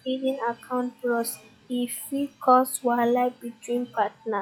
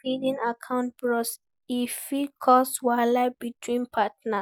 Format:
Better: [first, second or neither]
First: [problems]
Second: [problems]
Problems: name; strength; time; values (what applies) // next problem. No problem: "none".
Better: second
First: noise reduction (classical method log-MMSE)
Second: none